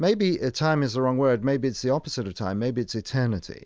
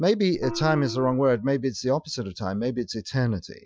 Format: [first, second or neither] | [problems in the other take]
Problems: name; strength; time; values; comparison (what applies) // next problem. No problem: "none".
first | noise reduction (classical method Wiener filter)